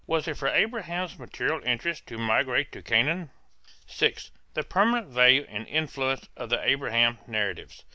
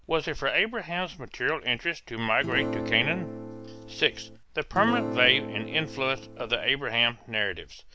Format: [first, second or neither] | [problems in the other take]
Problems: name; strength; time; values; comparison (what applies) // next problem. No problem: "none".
first | background sound (Acoustic guitar / Strum); 7 dB below the speech